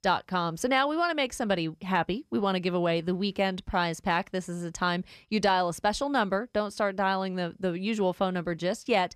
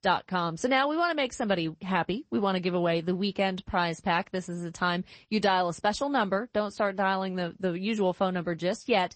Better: first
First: none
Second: garbled, watery; slightly; nothing above 8 kHz

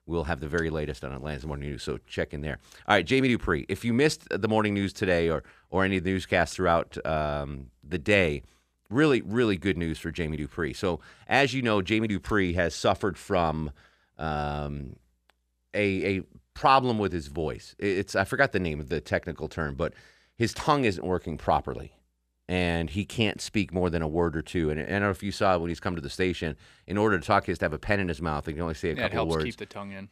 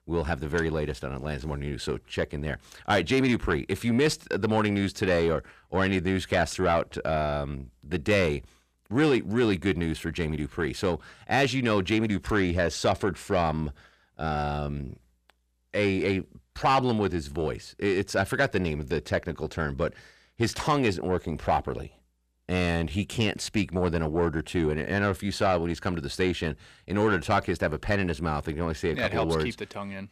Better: first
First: none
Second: distortion; slight; 10 dB below the speech

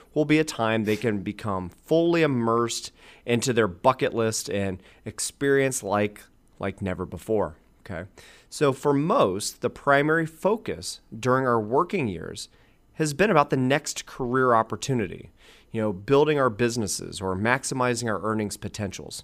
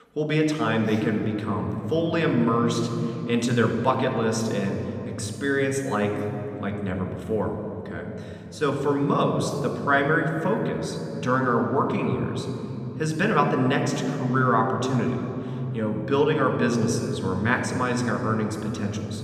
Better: first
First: none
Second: room echo; noticeable; dies away in 3 s // off-mic speech; somewhat distant

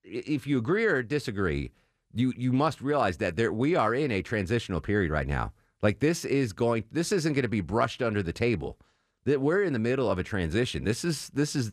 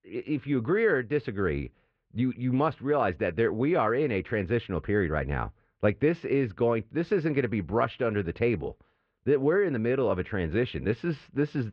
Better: first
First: none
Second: muffled; very; fading above 3 kHz

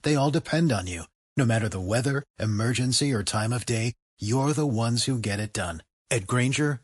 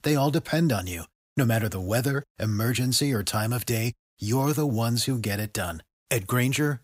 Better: second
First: garbled, watery; slightly; nothing above 11 kHz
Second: none

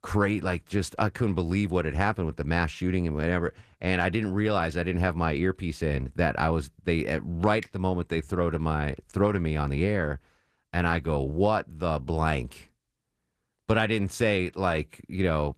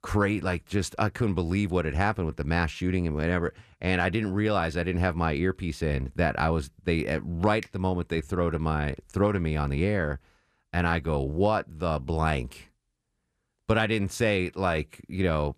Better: second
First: garbled, watery; slightly; nothing above 14.5 kHz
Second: none

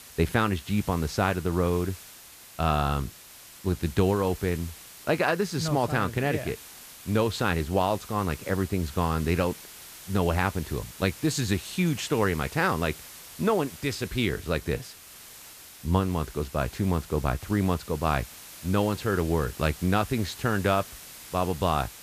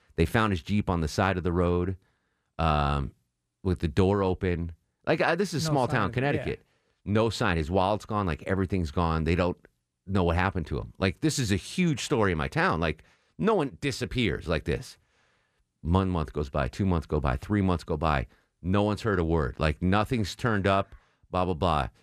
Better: second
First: hiss; noticeable; throughout; 15 dB below the speech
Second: none

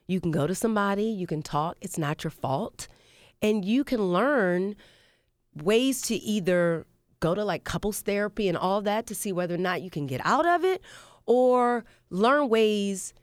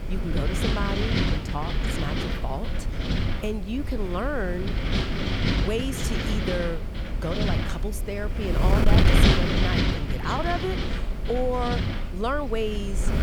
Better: first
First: none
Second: wind noise on the microphone; heavy; 1 dB above the speech

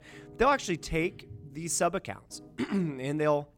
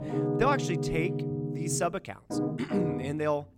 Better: first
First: background music; faint; throughout; 25 dB below the speech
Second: background music; loud; throughout; 1 dB below the speech

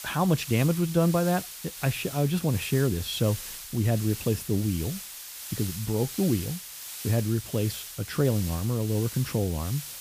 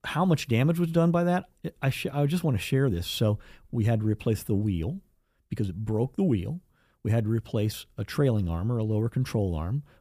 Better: second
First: hiss; loud; throughout; 10 dB below the speech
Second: none

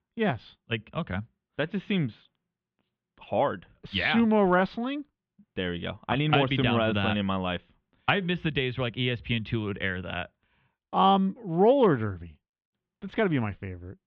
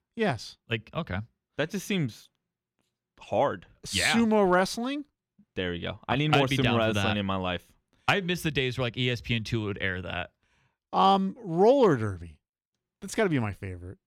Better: second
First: muffled; very; fading above 3.5 kHz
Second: none

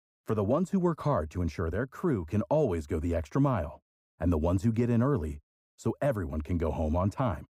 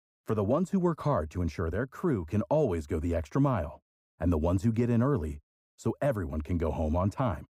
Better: neither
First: muffled; slightly; fading above 1.5 kHz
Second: muffled; slightly; fading above 1.5 kHz

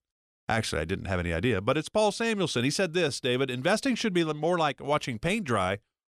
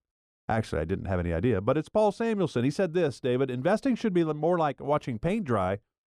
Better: first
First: none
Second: muffled; slightly; fading above 1.5 kHz

